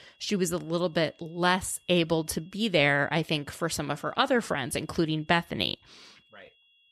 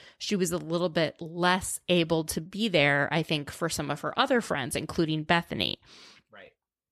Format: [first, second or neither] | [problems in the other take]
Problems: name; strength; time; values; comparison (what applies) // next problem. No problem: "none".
second | high-pitched whine; faint; throughout; 3.5 kHz, 35 dB below the speech